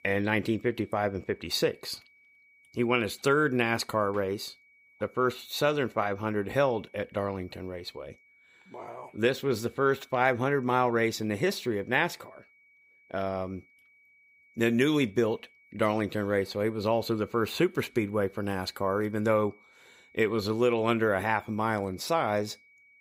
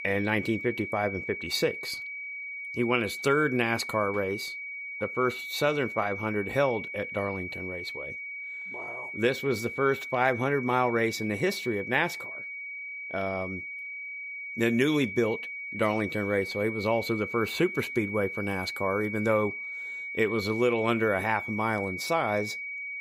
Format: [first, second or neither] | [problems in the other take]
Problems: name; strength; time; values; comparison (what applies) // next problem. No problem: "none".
first | high-pitched whine; loud; throughout; 2.5 kHz, 7 dB below the speech; faint in the first